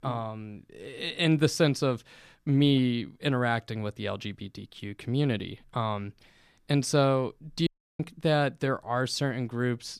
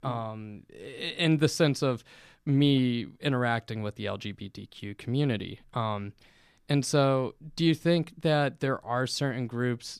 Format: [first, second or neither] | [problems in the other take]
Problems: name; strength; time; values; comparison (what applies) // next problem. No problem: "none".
second | audio cutting out; at 7.5 s